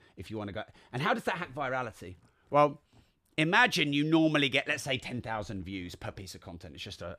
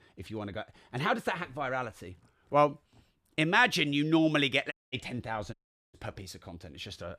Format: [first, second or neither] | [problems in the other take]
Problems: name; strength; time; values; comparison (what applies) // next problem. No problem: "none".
first | audio cutting out; at 4.5 s and at 5.5 s